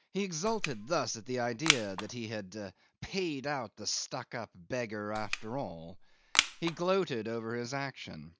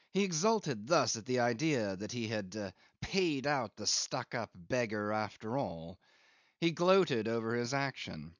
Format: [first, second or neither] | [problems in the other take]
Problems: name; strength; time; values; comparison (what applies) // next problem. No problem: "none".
second | background sound (Crushing); as loud as the speech